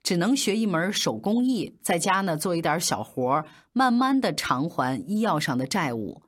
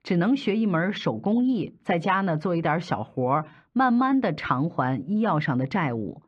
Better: first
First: none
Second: muffled; very; fading above 2.5 kHz

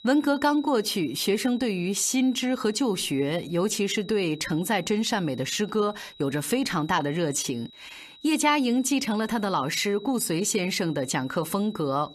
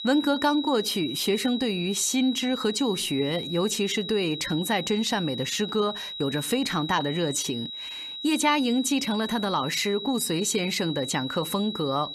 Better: first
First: high-pitched whine; faint; throughout; 4 kHz, 20 dB below the speech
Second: high-pitched whine; loud; throughout; 4 kHz, 8 dB below the speech

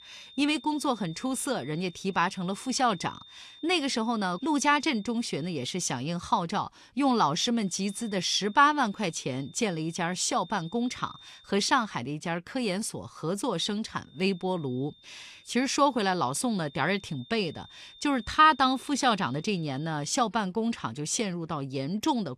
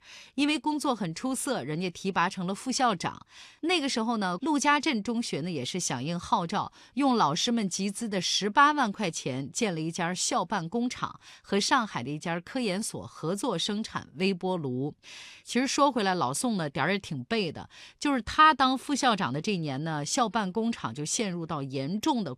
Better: second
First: high-pitched whine; faint; until 6 s, from 7.5 to 11 s and from 14 to 20 s; 3.5 kHz, 25 dB below the speech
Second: none

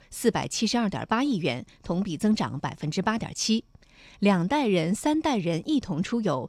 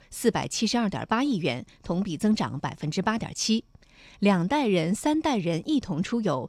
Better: neither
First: none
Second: none

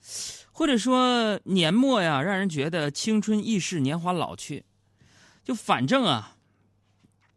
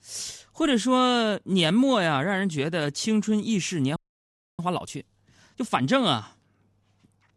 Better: first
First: none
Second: audio freezing; at 4 s for 0.5 s

